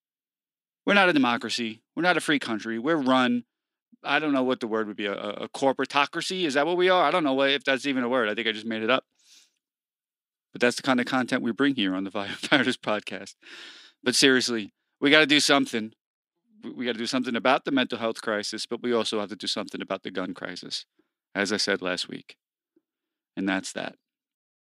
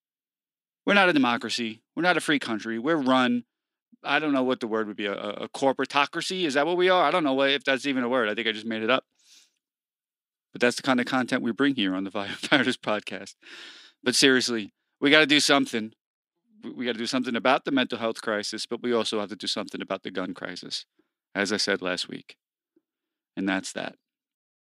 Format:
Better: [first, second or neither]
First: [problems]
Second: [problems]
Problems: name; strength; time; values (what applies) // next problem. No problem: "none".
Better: neither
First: thin; very slightly; fading below 300 Hz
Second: thin; very slightly; fading below 300 Hz